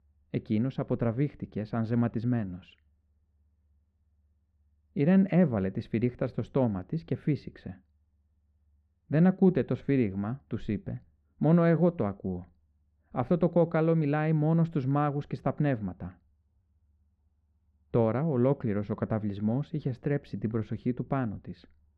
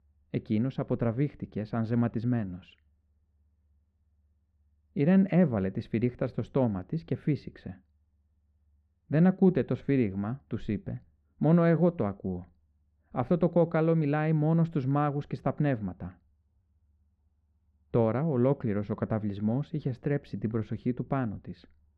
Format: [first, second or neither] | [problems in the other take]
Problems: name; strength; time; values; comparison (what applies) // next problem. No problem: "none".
neither | muffled; very; fading above 2 kHz; the same in both